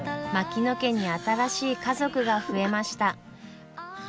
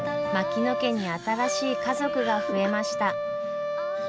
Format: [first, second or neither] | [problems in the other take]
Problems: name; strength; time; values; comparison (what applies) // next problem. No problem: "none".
first | background sound (Brass instrument); 1 dB below the speech